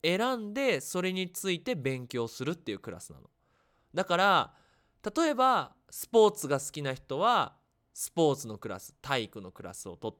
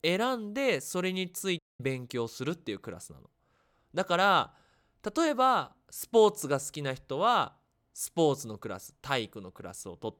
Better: first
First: none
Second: audio cutting out; at 1.5 s

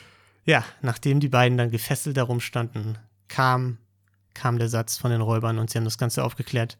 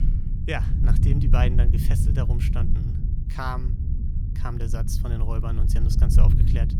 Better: first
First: none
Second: low rumble; loud; throughout; 4 dB below the speech

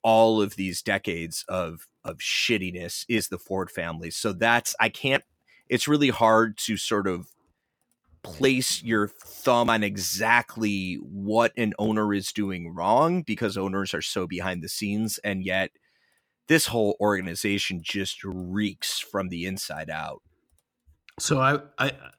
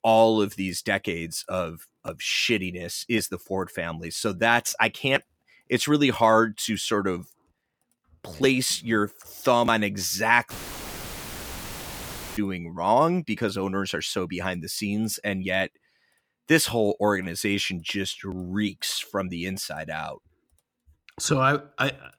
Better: first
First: none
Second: audio cutting out; filled with static; at 11 s for 2 s

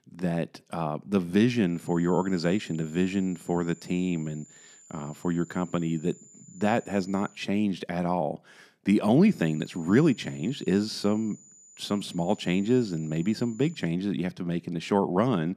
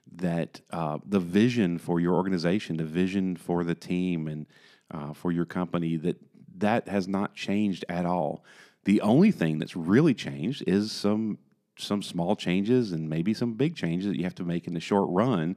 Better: second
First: high-pitched whine; faint; from 2 to 7.5 s and from 9.5 to 14 s; 7 kHz, 25 dB below the speech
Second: none

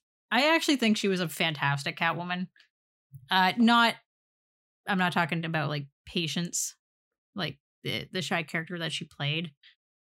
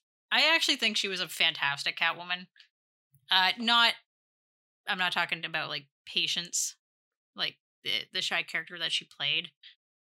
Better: first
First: none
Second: thin; somewhat; fading below 750 Hz

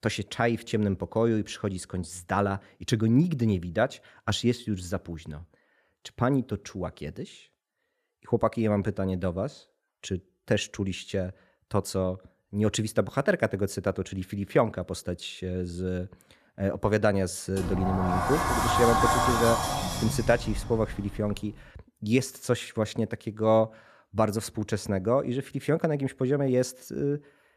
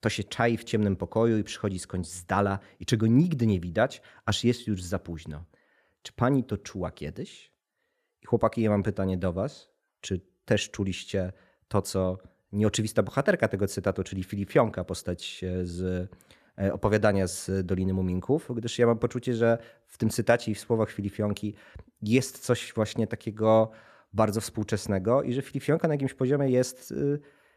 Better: second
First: door banging; loud; from 18 to 21 s; peak 5 dB above the speech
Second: none

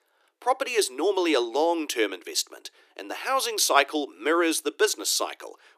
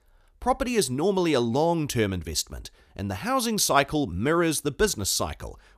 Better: second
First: thin; somewhat; fading below 300 Hz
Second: none

